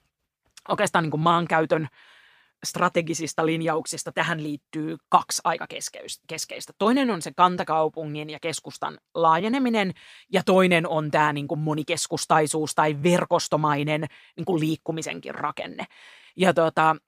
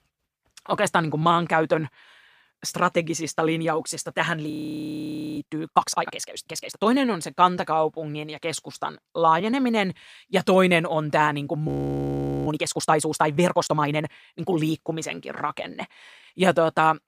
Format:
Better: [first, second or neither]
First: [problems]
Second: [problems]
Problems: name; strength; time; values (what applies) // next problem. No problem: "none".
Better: first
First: none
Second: audio freezing; at 4.5 s for 1 s and at 12 s for 1 s